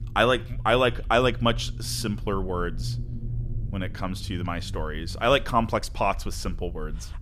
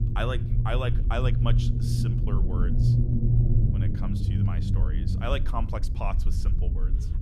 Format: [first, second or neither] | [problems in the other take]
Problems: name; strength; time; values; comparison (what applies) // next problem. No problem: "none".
first | low rumble; loud; throughout; 3 dB below the speech; faint in the first